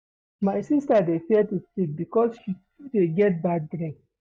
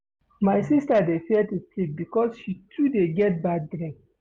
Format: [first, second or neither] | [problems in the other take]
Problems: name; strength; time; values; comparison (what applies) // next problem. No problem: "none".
second | noise reduction (neural mask model DeepFilterNet 3)